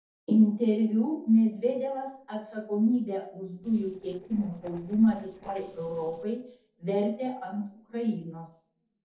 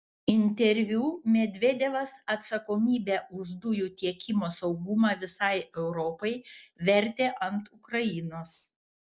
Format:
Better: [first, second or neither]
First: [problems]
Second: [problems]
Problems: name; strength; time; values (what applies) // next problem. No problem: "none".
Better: second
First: noise reduction (neural separator model SepFormer DNS4)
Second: none